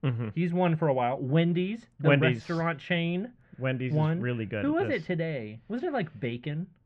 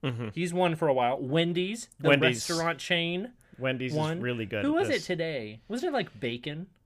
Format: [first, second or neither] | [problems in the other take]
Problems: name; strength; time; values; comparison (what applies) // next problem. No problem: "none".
second | muffled; very; fading above 2 kHz